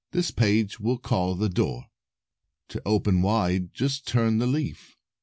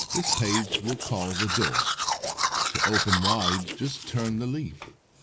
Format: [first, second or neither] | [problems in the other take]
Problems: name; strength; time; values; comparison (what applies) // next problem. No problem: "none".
first | noise reduction (neural mask model Resemble Enhance denoiser)